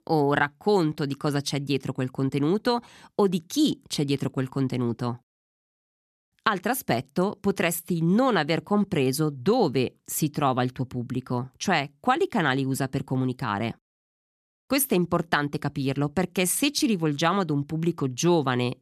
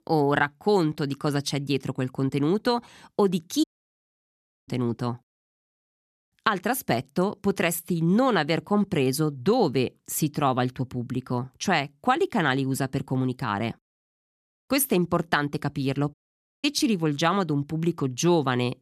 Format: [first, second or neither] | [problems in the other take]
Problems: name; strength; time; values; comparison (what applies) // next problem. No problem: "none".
first | audio cutting out; at 3.5 s for 1 s and at 16 s for 0.5 s